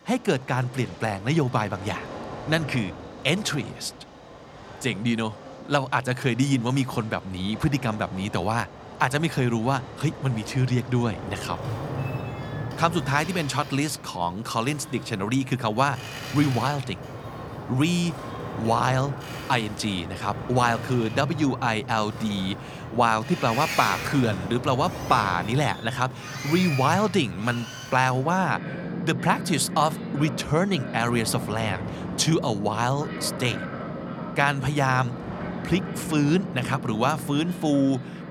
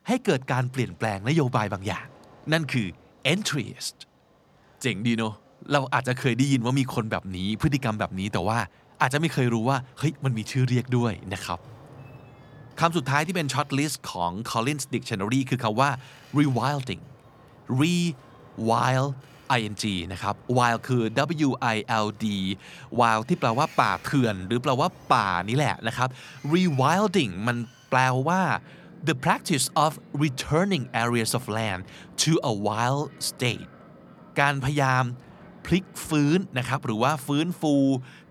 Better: second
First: train or aircraft noise; loud; throughout; 10 dB below the speech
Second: train or aircraft noise; faint; throughout; 25 dB below the speech

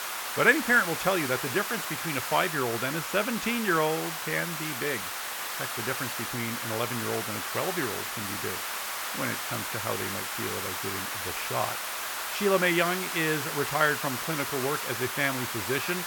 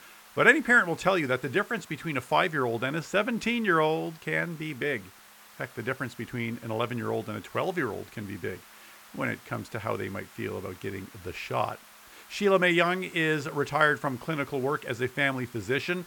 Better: second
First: hiss; loud; throughout; 2 dB below the speech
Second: hiss; faint; throughout; 20 dB below the speech

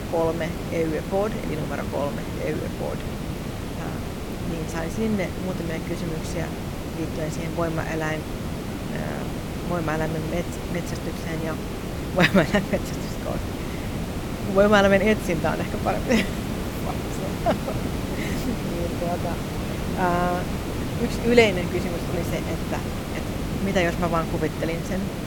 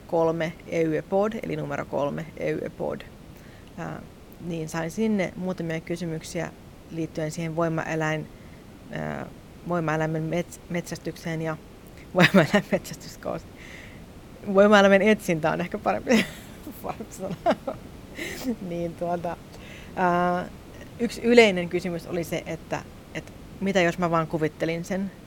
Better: second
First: hiss; loud; throughout; 4 dB below the speech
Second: hiss; faint; throughout; 20 dB below the speech

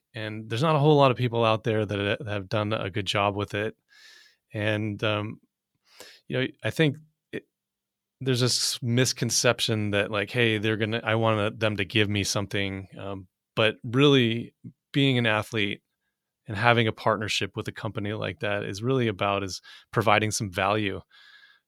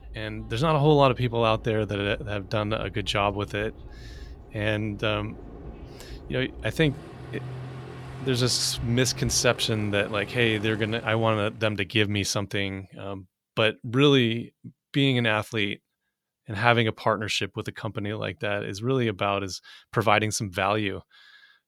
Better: first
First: none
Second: train or aircraft noise; noticeable; until 11 s; 15 dB below the speech

